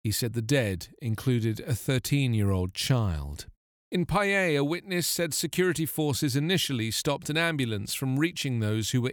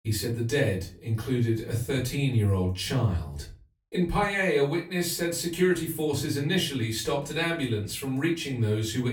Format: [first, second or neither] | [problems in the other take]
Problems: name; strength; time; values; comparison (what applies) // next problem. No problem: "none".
first | off-mic speech; far // room echo; slight; dies away in 0.3 s